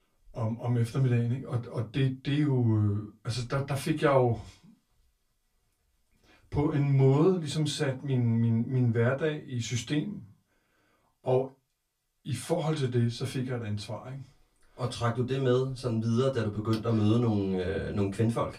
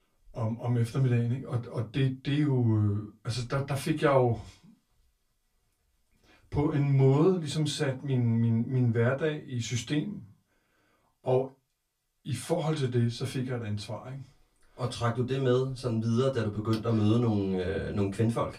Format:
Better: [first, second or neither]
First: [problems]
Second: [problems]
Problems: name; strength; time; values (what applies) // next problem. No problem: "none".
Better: neither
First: off-mic speech; far // room echo; very slight; dies away in 0.2 s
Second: off-mic speech; far // room echo; very slight; dies away in 0.2 s